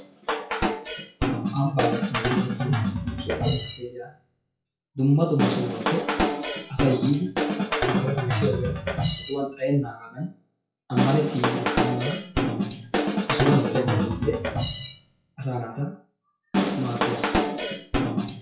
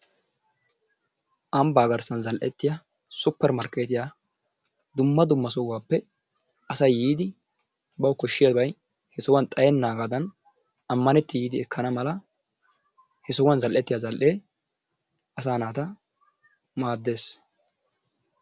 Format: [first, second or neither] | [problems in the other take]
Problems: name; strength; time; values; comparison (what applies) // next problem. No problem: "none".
second | noise reduction (classical method WPE with log-MMSE)